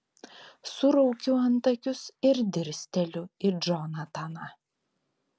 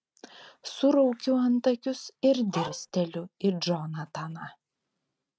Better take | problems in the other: first | noise reduction (neural mask model RNNoise)

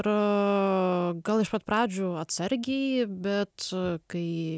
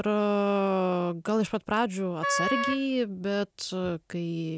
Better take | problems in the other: first | background sound (Wind instrument, woodwind instrument); 3 dB below the speech

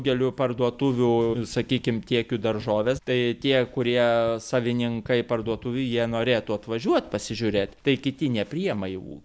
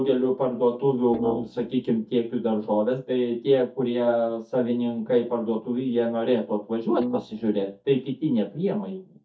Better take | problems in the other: first | noise reduction (neural mask model DeepFilterNet 3)

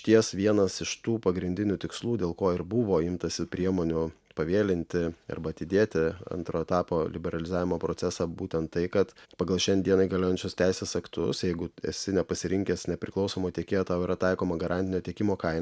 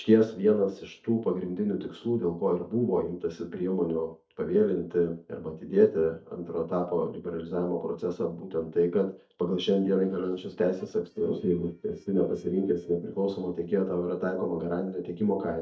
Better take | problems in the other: first | noise reduction (neural mask model DeepFilterNet 3)

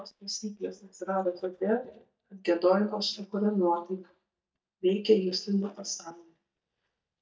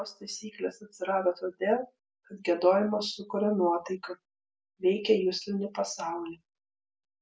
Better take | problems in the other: second | noise reduction (neural mask model DeepFilterNet 3)

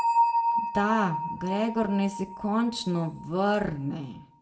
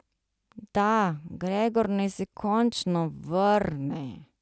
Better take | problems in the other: second | background sound (Bell); 2 dB below the speech // room echo; dies away in 0.4 s

